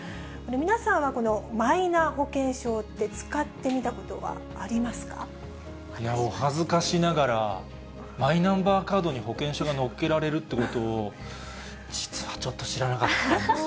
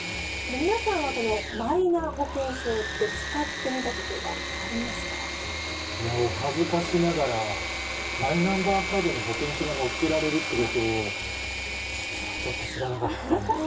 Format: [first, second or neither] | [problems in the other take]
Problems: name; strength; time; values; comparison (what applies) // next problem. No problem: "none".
first | background sound (Engine / Mechanisms); 5 dB below the speech // room echo; dies away in 0.2 s